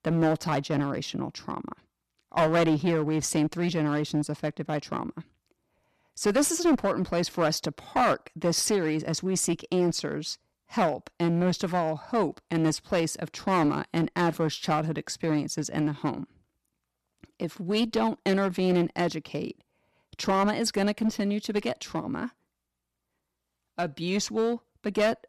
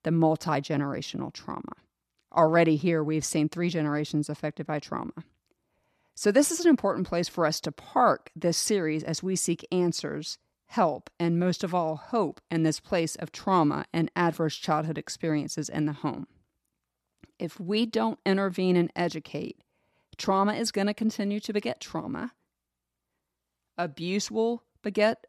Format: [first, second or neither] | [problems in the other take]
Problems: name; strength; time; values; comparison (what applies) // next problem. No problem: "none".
second | distortion; slight; 6% of the sound clipped